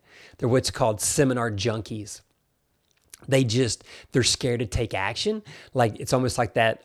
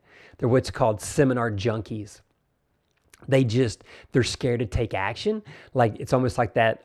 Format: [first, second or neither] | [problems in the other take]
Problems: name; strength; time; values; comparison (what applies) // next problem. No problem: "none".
first | muffled; slightly; fading above 3 kHz